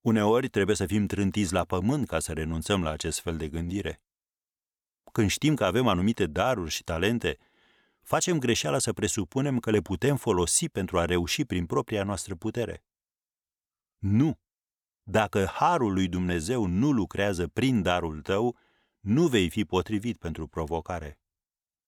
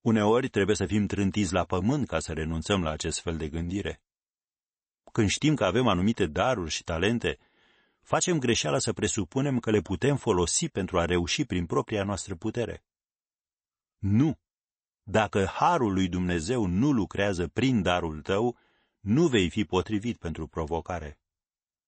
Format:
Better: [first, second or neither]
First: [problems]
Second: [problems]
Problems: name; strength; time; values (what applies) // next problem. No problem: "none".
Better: first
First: none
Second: garbled, watery; slightly; nothing above 8 kHz